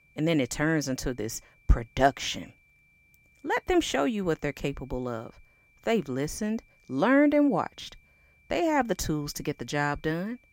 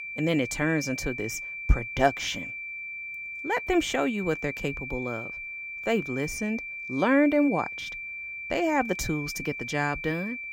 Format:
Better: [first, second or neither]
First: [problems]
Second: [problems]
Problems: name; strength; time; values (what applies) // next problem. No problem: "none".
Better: first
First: high-pitched whine; faint; throughout; 2.5 kHz, 35 dB below the speech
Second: high-pitched whine; loud; throughout; 2.5 kHz, 7 dB below the speech